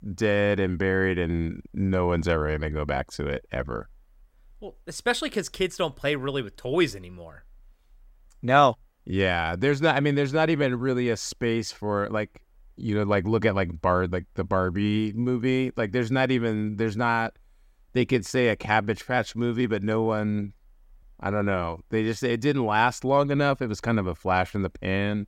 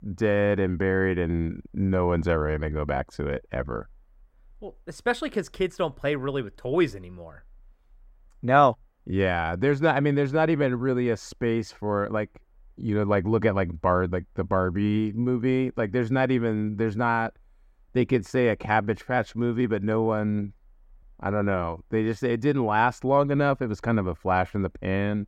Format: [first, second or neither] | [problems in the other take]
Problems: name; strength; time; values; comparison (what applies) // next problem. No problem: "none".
first | muffled; slightly; fading above 2.5 kHz